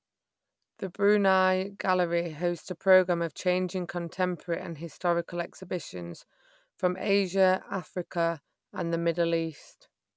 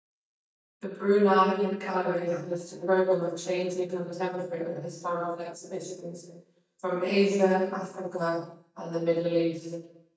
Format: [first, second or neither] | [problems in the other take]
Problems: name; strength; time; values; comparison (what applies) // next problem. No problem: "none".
first | noise reduction (neural mask model DeepFilterNet 3)